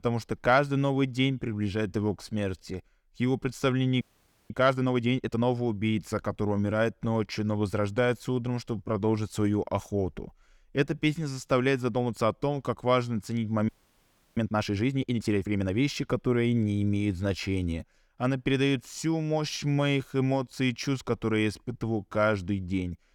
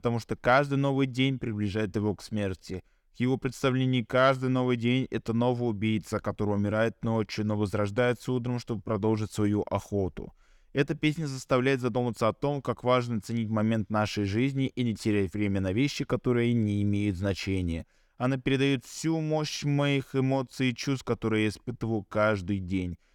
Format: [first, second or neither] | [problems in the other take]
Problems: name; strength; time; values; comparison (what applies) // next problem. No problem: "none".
second | audio freezing; at 4 s and at 14 s for 0.5 s